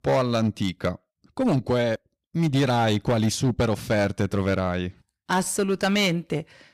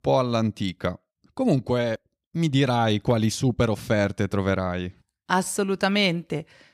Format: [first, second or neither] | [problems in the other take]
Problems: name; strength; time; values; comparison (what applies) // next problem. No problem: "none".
second | distortion; slight; 7% of the sound clipped